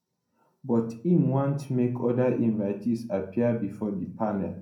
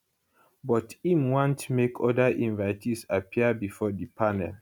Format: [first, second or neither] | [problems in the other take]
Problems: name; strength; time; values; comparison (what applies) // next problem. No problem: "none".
second | room echo; dies away in 0.6 s